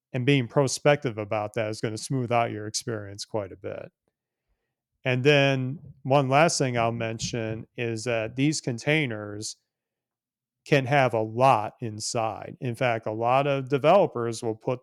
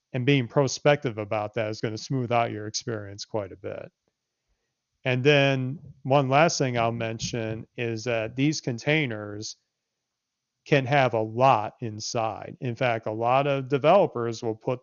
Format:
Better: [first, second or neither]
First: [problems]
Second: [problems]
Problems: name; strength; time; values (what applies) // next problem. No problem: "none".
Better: first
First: none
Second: garbled, watery; slightly; nothing above 6.5 kHz